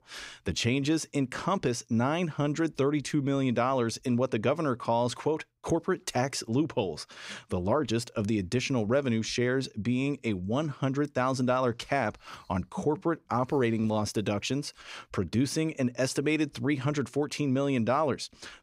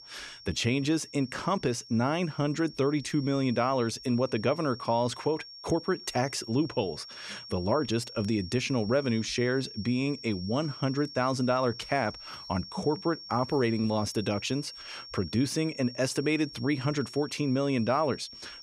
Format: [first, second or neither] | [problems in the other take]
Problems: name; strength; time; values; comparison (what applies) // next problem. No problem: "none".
first | high-pitched whine; noticeable; throughout; 5.5 kHz, 15 dB below the speech